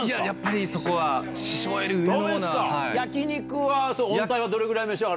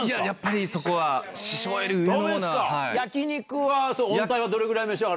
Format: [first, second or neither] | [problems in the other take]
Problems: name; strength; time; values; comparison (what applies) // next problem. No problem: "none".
second | background sound (Bowed string instrument); 11 dB below the speech